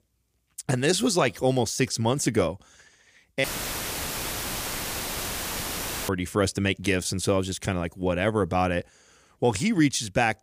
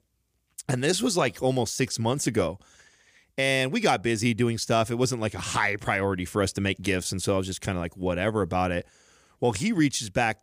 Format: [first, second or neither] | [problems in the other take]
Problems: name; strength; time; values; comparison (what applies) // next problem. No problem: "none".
second | audio cutting out; filled with static; at 3.5 s for 2.5 s